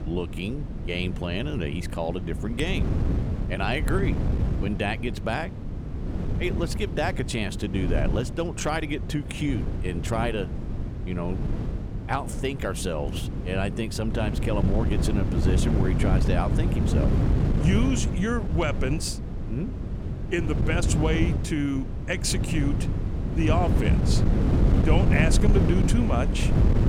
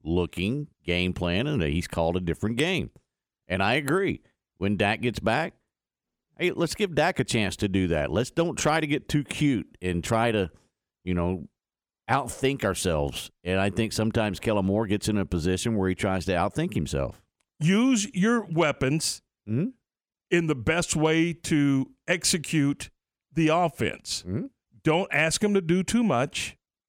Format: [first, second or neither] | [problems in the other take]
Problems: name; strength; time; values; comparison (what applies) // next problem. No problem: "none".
second | wind noise on the microphone; heavy; 6 dB below the speech